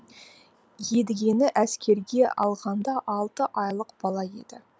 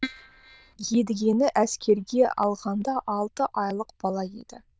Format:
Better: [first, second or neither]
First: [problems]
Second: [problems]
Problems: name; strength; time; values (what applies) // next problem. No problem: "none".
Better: first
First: none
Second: noise reduction (neural diffusion model UNIVERSE++)